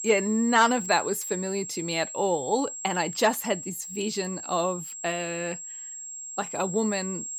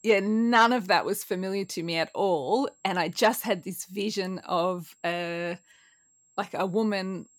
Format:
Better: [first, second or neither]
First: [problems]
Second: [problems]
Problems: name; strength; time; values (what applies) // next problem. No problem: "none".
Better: second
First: high-pitched whine; loud; throughout; 7.5 kHz, 7 dB below the speech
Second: high-pitched whine; faint; throughout; 7.5 kHz, 35 dB below the speech